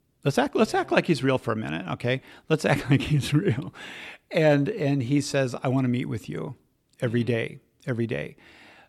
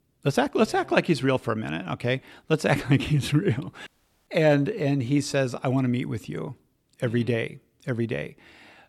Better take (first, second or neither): first